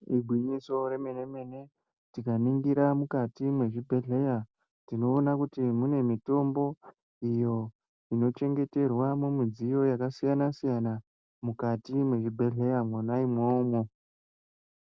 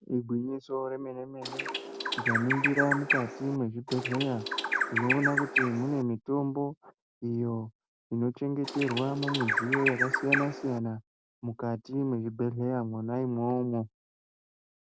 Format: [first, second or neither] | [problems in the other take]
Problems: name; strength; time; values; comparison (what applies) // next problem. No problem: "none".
first | background sound (Bird); 1 dB above the speech